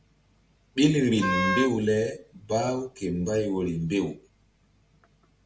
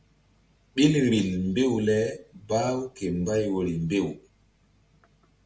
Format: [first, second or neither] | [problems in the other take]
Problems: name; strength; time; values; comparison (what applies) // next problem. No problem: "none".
second | background sound (Wind instrument, woodwind instrument); 2 dB below the speech